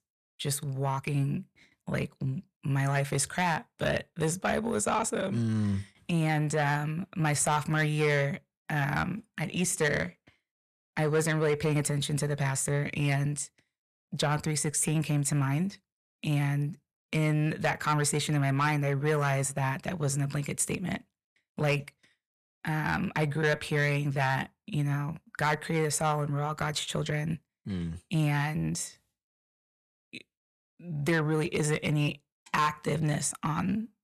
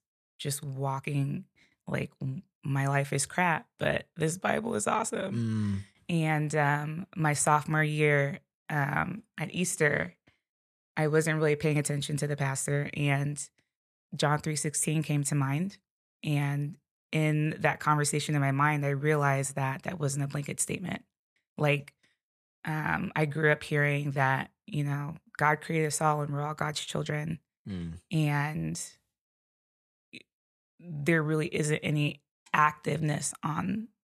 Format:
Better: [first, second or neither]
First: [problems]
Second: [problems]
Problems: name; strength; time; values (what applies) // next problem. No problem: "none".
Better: second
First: distortion; slight; 10 dB below the speech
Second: none